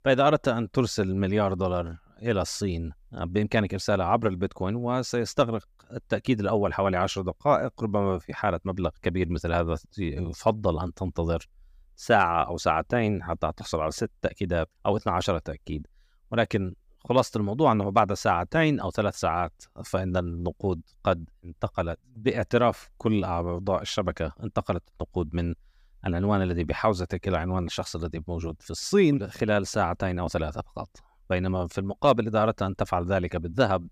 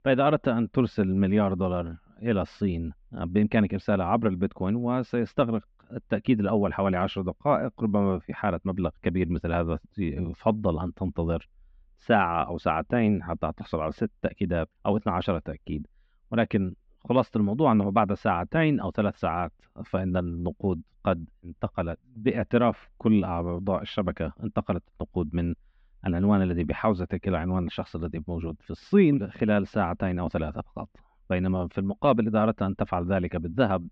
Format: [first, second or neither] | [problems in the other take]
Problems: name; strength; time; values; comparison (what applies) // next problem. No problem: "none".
first | muffled; very; fading above 3 kHz